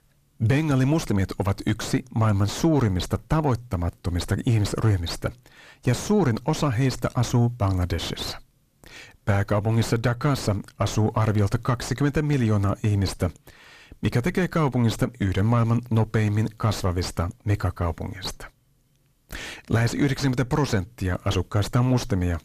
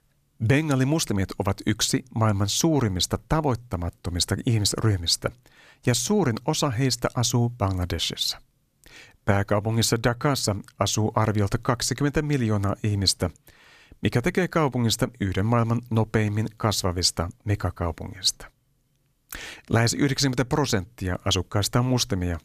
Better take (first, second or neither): second